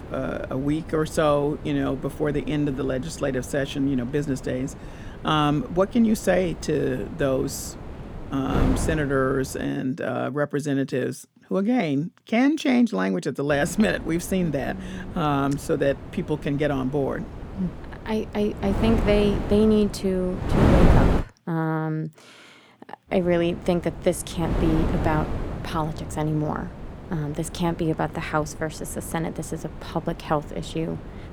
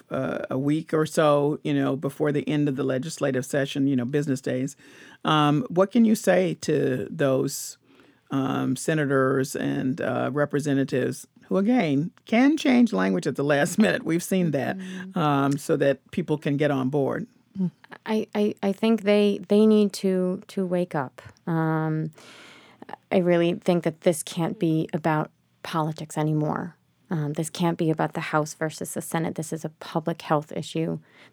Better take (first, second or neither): second